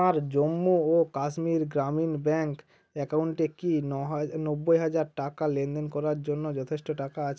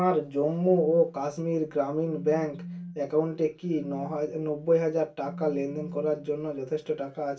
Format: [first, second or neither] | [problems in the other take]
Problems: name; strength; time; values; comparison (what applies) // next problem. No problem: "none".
first | background sound (Telephone); 15 dB below the speech // room echo; dies away in 0.2 s